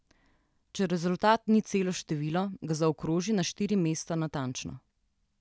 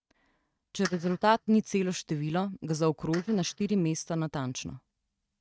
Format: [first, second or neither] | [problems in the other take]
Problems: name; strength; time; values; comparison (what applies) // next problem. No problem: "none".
first | noise reduction (neural mask model RNNoise)